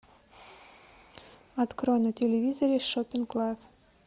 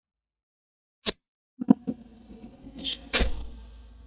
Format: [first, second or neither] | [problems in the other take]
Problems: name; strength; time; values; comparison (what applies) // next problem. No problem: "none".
first | noise reduction (neural mask model DeepFilterNet 3)